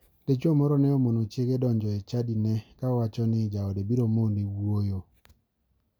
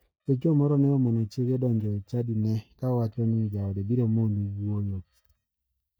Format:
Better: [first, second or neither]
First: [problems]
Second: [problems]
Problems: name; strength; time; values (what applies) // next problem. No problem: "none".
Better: first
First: none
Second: noise reduction (neural mask model DeepFilterNet 3)